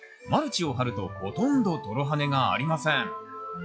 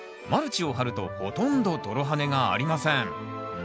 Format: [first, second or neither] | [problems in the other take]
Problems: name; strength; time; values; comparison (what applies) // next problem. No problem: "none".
second | noise reduction (classical method log-MMSE)